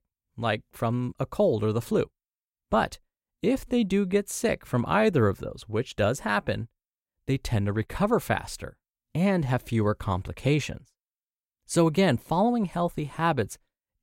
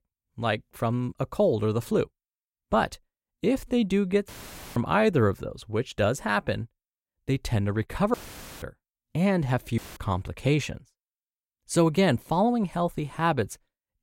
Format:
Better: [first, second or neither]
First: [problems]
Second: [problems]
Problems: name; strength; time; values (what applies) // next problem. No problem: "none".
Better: first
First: none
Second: audio cutting out; filled with static; at 4.5 s, at 8 s and at 10 s